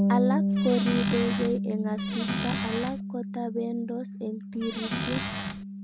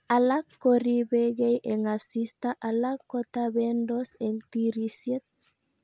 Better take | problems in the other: second | background sound (Bass guitar + Squeak / Cupboard open or close); 3 dB above the speech

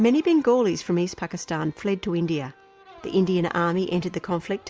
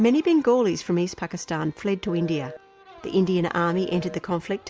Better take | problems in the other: first | background sound (Telephone); 17 dB below the speech

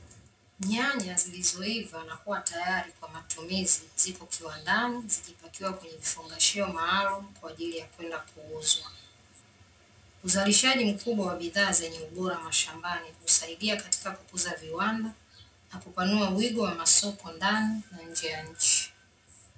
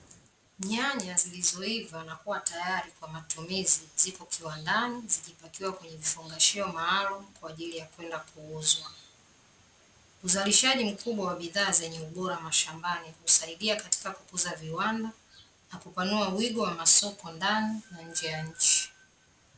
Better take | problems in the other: second | room echo; dies away in 0.2 s

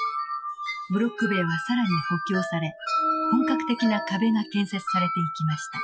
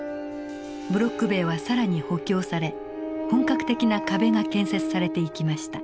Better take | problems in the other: second | noise reduction (classical method Wiener filter)

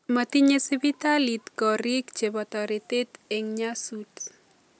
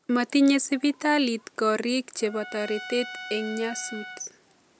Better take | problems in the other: first | background sound (Trumpet); 15 dB below the speech

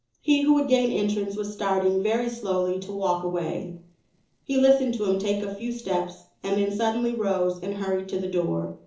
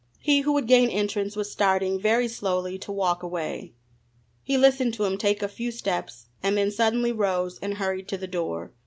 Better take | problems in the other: second | noise reduction (neural separator model SepFormer DNS4)

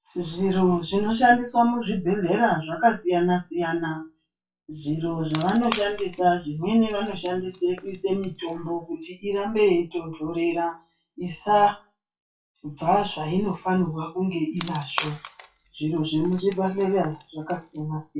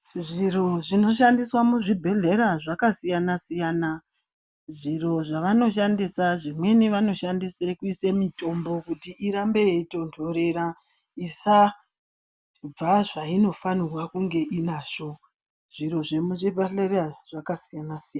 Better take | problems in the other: second | noise reduction (classical method WPE with log-MMSE)

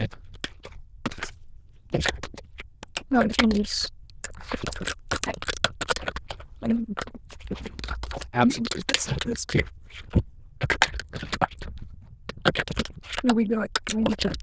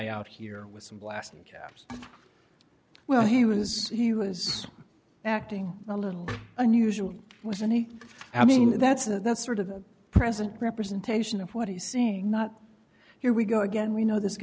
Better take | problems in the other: second | noise reduction (neural diffusion model UNIVERSE++)

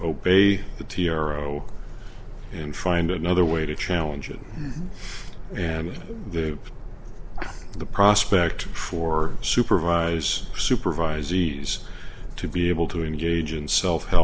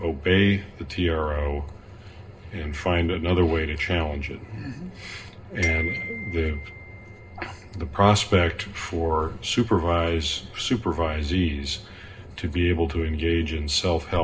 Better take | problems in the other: first | background sound (Glockenspiel); 9 dB below the speech // room echo; dies away in 0.2 s

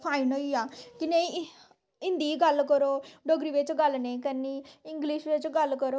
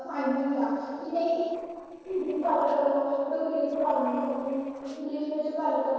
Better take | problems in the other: first | noise reduction (neural separator model SepFormer DNS4)

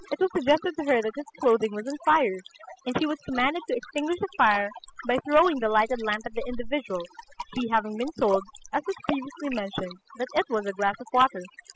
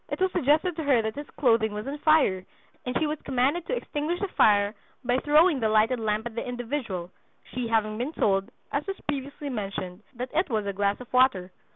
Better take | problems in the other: second | noise reduction (classical method spectral subtraction)

